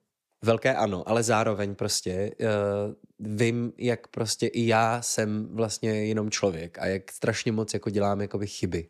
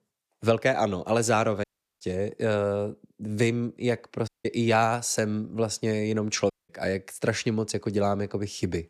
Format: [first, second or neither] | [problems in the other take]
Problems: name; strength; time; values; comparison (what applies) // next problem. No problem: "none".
first | audio cutting out; at 1.5 s, at 4.5 s and at 6.5 s